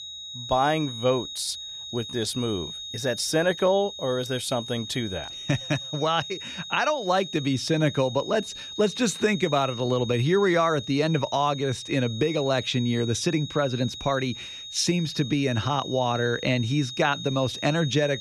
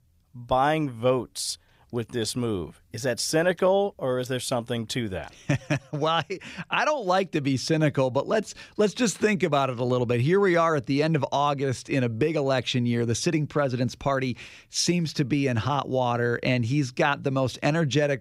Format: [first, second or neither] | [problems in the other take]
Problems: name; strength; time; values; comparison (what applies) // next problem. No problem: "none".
second | high-pitched whine; loud; throughout; 3.5 kHz, 10 dB below the speech